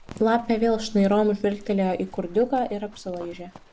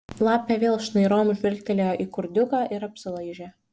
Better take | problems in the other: second | background sound (Livestock, farm animals, working animals); 19 dB below the speech

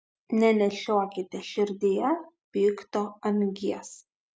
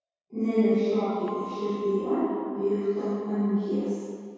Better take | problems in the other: first | background sound (Percussion); 18 dB below the speech // room echo; dies away in 1.9 s

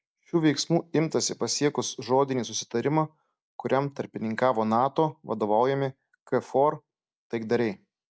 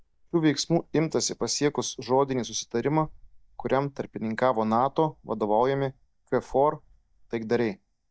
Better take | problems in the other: first | noise reduction (neural mask model DeepFilterNet 3)

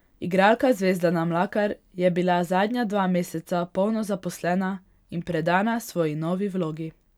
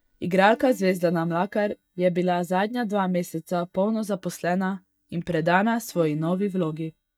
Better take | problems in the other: first | noise reduction (neural mask model DeepFilterNet 3)

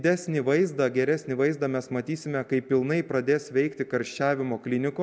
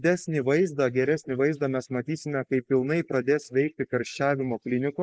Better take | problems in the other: first | noise reduction (neural mask model Resemble Enhance denoiser)

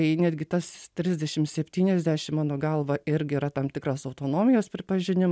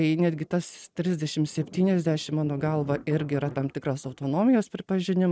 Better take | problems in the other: first | noise reduction (neural mask model RNNoise)

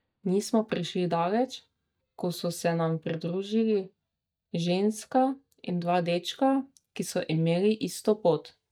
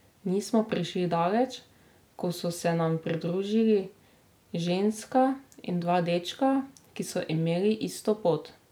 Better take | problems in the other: second | noise reduction (neural mask model DeepFilterNet 3)

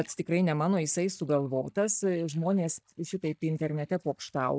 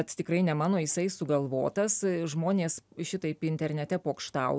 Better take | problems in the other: second | noise reduction (neural mask model DeepFilterNet 3)

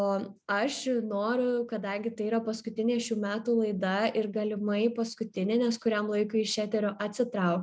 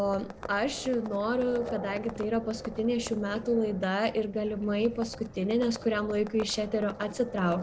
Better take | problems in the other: first | background sound (Livestock, farm animals, working animals); 13 dB below the speech

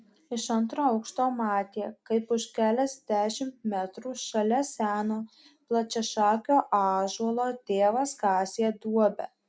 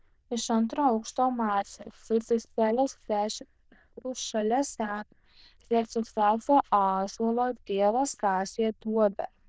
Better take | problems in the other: first | noise reduction (neural diffusion model UNIVERSE++)

